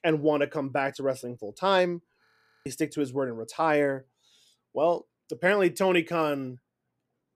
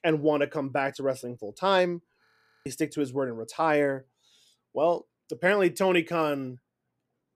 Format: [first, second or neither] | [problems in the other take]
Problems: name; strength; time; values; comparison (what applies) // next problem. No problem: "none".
neither | audio freezing; at 2.5 s; the same in both